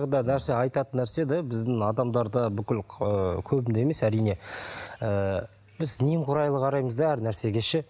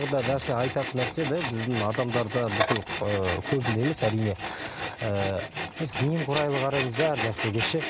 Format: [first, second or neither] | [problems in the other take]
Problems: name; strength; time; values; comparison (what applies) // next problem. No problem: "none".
first | background sound (Tools); 5 dB below the speech